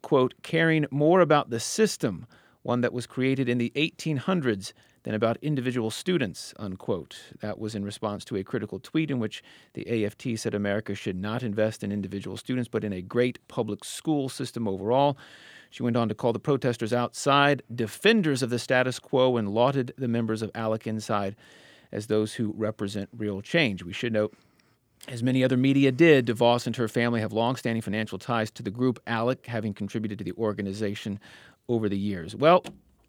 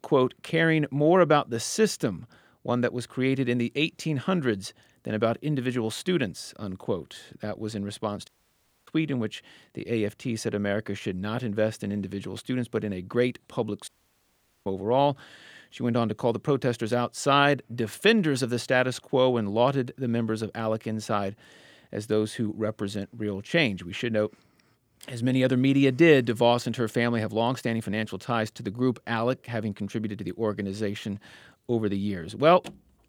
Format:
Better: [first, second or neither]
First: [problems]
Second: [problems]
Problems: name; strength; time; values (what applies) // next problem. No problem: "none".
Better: first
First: none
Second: audio cutting out; at 8.5 s for 0.5 s and at 14 s for 1 s